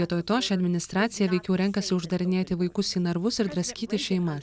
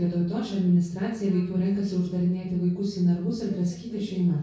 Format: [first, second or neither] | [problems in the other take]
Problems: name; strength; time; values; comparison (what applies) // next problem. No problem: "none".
first | room echo; dies away in 0.6 s